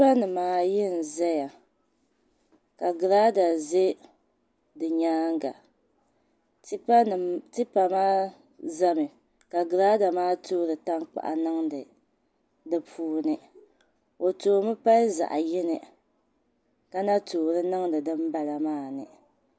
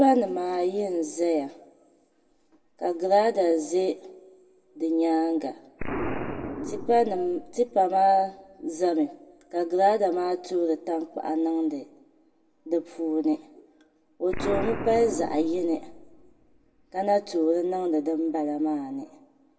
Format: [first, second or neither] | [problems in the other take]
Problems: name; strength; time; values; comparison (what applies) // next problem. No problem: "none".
first | background sound (Explosion); 13 dB below the speech // room echo; dies away in 0.6 s